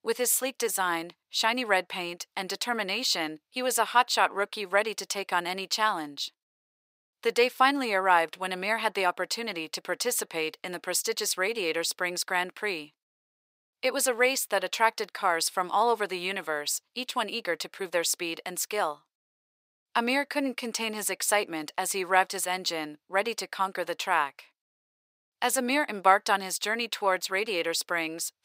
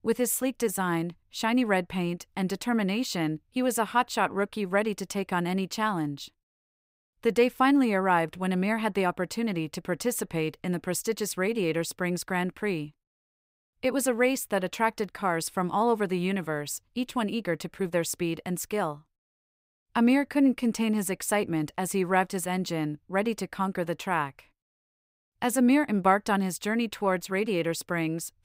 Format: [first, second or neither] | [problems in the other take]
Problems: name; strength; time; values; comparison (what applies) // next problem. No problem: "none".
second | thin; somewhat; fading below 550 Hz